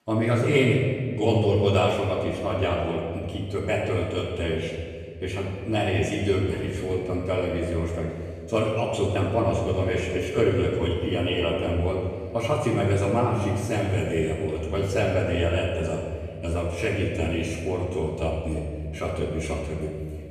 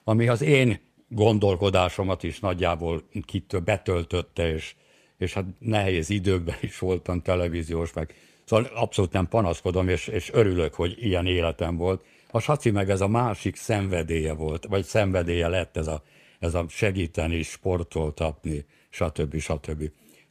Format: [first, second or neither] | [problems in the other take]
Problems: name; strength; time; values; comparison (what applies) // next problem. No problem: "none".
second | off-mic speech; far // room echo; noticeable; dies away in 1.8 s